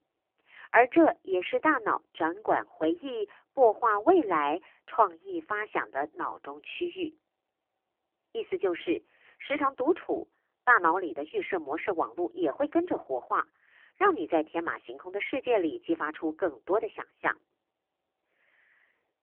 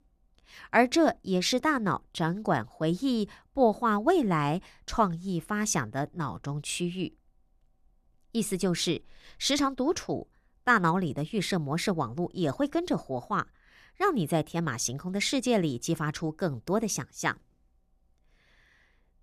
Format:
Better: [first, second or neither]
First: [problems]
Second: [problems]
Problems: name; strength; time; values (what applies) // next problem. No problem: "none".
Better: second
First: phone-call audio; poor line; nothing above 3 kHz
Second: none